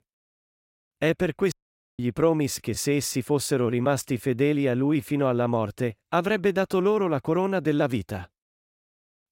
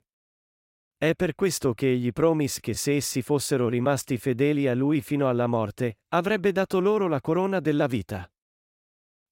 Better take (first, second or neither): second